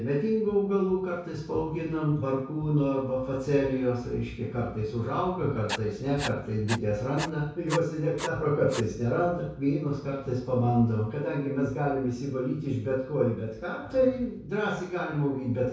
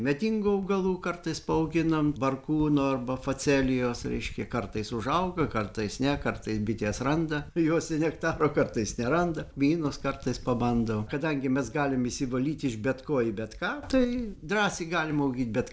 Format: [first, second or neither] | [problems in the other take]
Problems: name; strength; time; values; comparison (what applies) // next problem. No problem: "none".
second | background sound (Writing); 11 dB below the speech // room echo; dies away in 0.6 s